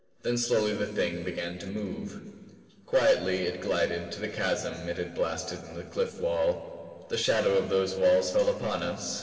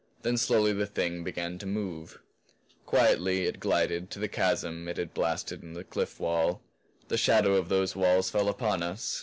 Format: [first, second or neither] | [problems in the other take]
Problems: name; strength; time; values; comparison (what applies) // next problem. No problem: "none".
second | room echo; dies away in 2.7 s